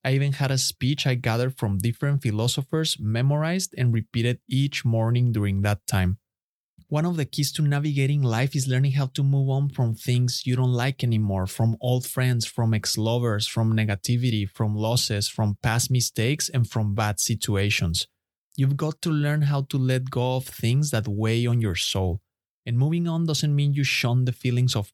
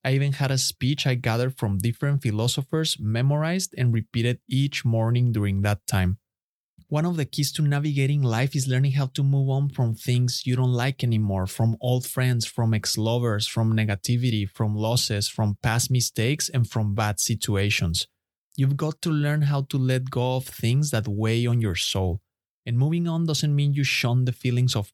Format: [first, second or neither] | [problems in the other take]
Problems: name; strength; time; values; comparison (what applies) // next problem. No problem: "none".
neither | none